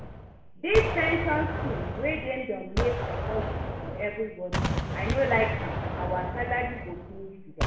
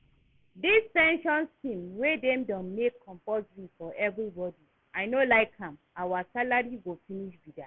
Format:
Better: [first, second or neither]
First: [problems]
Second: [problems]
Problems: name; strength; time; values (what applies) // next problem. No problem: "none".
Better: second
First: background sound (Gunshot, gunfire); 1 dB below the speech // room echo; dies away in 0.8 s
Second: none